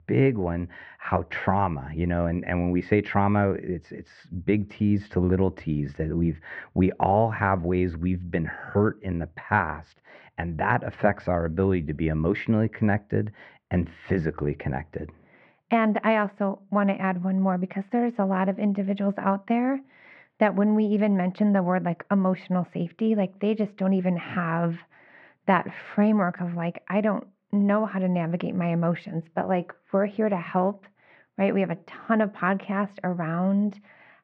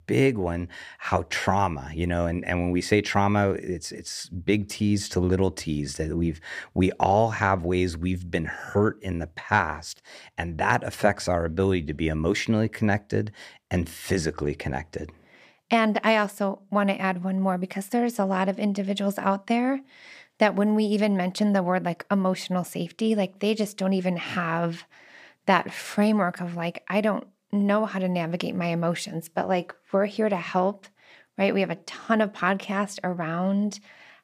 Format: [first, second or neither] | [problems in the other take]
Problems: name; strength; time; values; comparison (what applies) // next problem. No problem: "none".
second | muffled; very; fading above 2 kHz